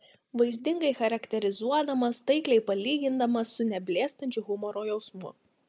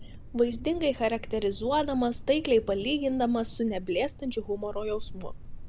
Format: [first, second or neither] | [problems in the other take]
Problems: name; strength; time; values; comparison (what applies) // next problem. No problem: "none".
first | background sound (Thunder); 11 dB below the speech